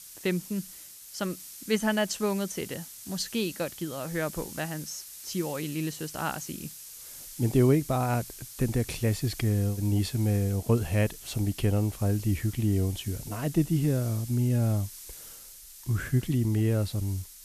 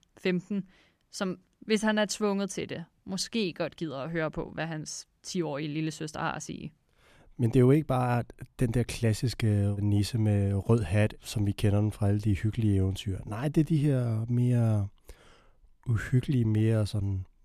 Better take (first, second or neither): second